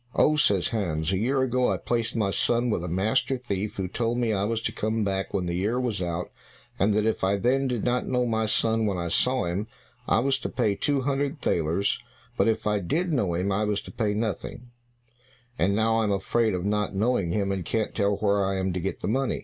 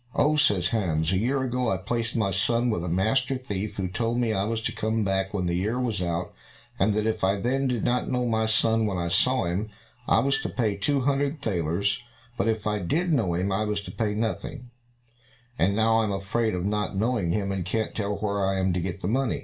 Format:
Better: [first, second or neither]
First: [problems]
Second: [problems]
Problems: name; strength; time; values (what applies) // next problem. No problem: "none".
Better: first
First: none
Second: background sound (Wind instrument, woodwind instrument); 18 dB below the speech // room echo; dies away in 0.3 s